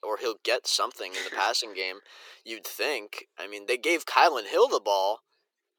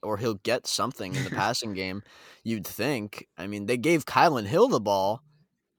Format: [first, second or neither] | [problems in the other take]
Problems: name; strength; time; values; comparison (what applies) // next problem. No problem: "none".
second | thin; very; fading below 400 Hz